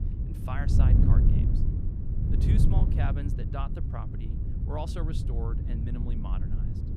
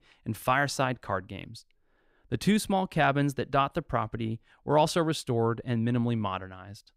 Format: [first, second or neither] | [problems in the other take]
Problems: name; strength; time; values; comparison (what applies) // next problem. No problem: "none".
second | wind noise on the microphone; heavy; as loud as the speech